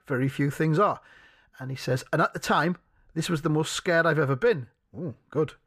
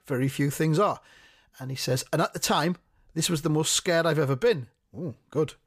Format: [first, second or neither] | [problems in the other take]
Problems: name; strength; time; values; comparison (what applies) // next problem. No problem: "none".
second | muffled; slightly; fading above 3.5 kHz